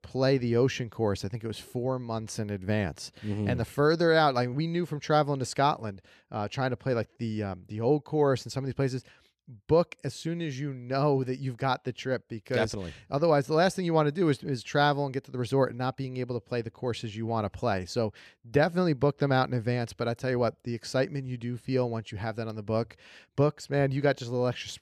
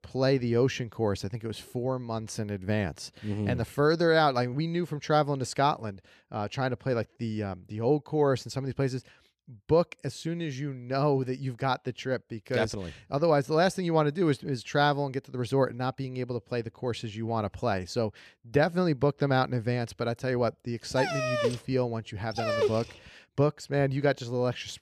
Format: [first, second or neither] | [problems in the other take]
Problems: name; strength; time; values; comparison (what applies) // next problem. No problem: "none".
first | dog barking; loud; from 21 to 23 s; peak 1 dB above the speech